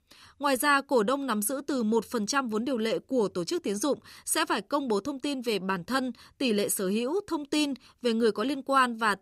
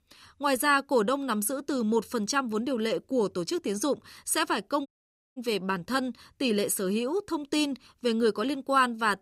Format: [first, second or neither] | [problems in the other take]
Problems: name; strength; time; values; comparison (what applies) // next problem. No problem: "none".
first | audio cutting out; at 5 s for 0.5 s